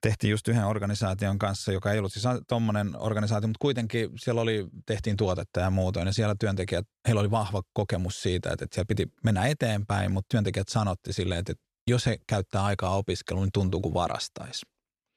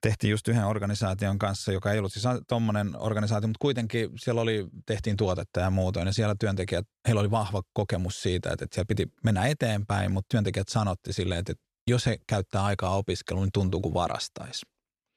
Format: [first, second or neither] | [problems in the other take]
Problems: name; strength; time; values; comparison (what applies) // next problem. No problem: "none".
neither | none